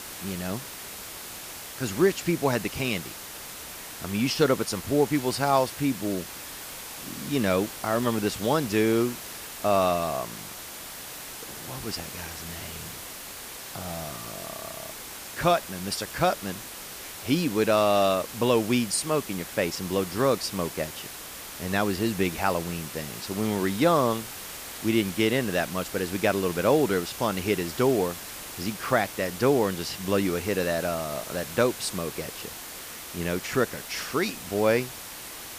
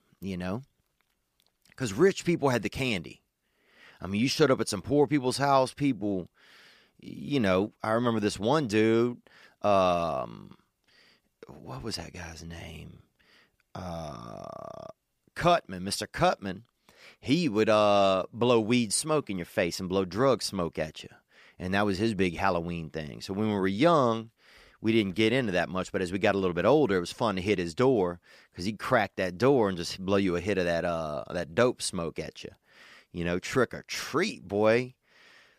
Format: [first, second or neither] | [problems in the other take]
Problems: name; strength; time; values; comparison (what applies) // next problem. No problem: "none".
second | hiss; noticeable; throughout; 10 dB below the speech